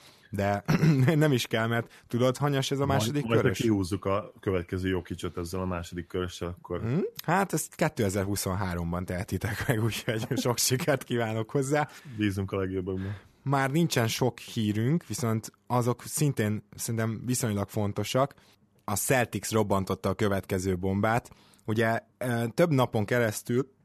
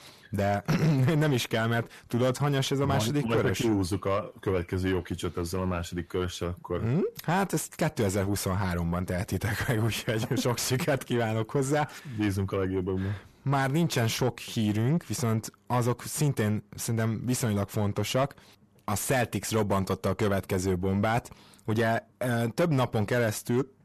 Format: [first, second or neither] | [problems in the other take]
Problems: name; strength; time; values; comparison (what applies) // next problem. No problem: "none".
first | distortion; slight; 10 dB below the speech